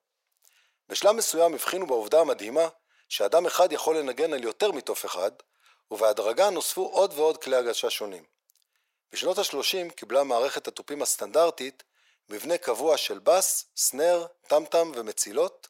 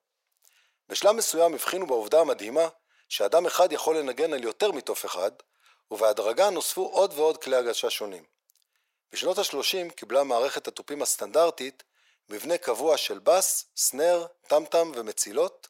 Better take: neither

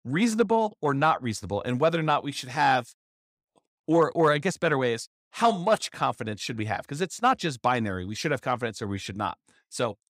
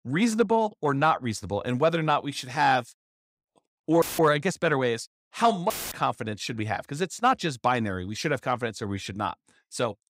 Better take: first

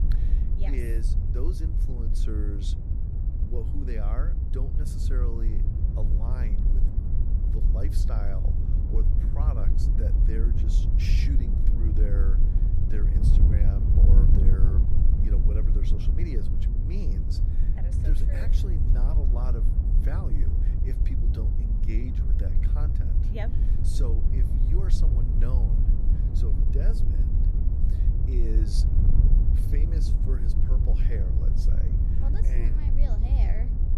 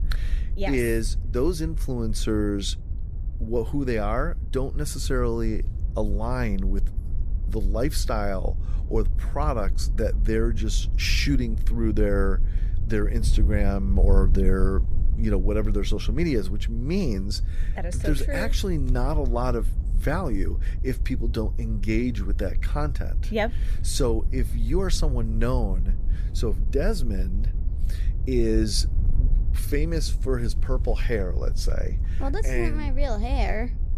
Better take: second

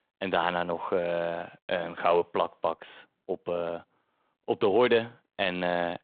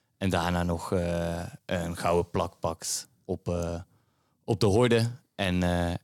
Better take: second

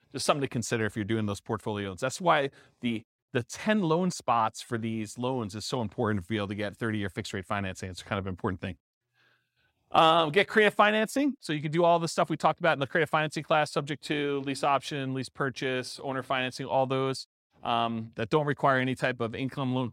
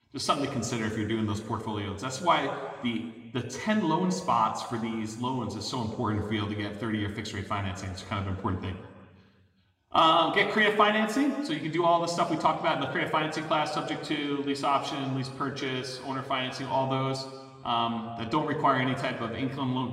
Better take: first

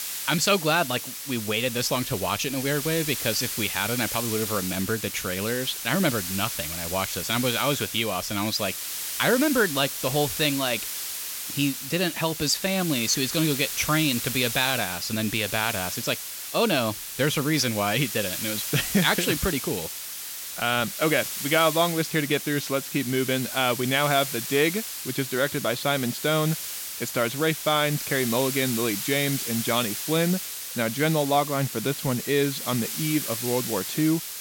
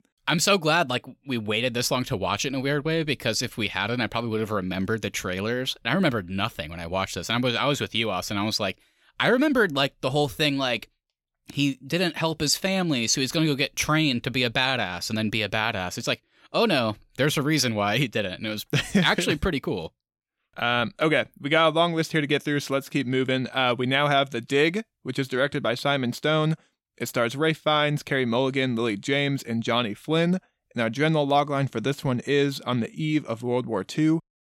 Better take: second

